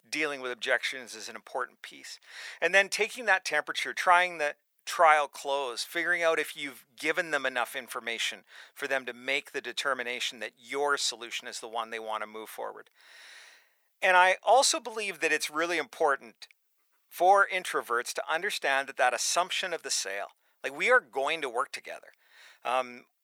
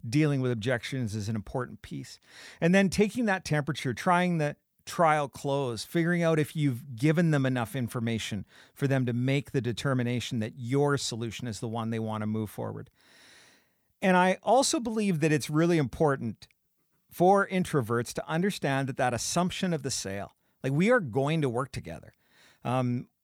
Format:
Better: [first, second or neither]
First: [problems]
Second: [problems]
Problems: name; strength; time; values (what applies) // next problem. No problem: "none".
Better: second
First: thin; very; fading below 550 Hz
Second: none